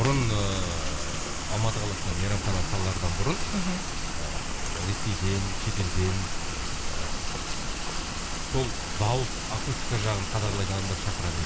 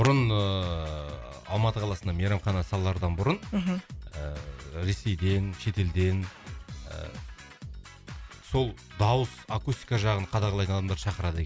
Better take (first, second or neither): second